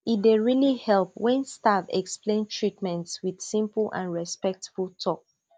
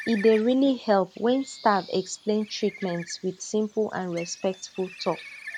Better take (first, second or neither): first